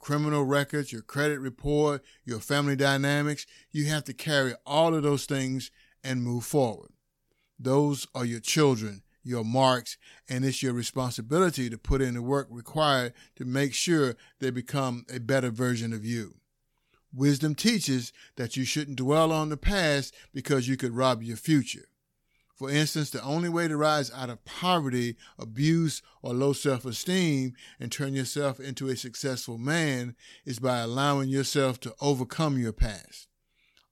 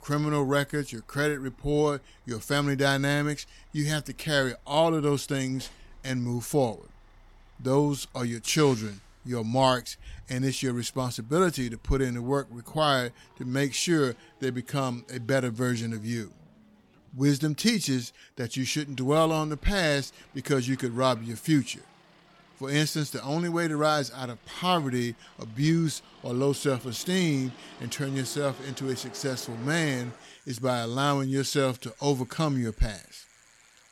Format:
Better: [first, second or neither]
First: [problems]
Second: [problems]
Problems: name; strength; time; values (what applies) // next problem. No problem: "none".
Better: first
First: none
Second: traffic noise; faint; throughout; 25 dB below the speech